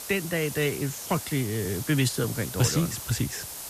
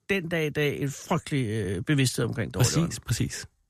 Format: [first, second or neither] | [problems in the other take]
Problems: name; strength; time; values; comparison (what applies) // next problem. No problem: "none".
second | hiss; loud; throughout; 8 dB below the speech